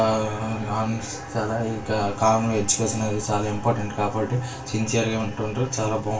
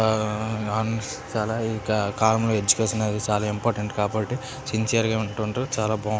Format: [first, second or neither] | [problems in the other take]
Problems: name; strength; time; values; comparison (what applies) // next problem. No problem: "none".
second | room echo; dies away in 0.2 s